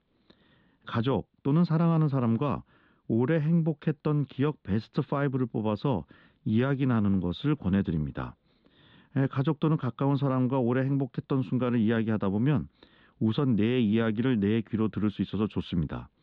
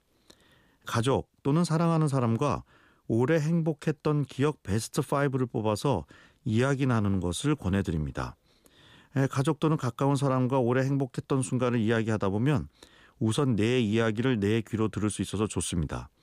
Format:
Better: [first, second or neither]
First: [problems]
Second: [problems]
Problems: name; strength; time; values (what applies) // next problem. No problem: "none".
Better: second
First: muffled; slightly; fading above 4 kHz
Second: none